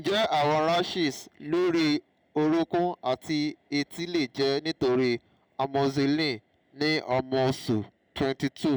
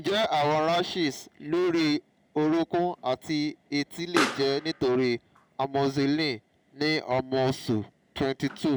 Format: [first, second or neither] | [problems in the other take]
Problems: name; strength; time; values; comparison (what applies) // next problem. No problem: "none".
first | background sound (Explosion); 14 dB below the speech